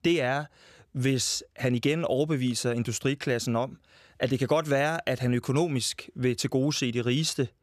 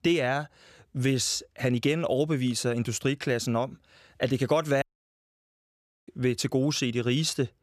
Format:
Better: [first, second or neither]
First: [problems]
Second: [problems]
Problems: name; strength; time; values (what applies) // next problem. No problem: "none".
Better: first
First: none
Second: audio cutting out; at 5 s for 1.5 s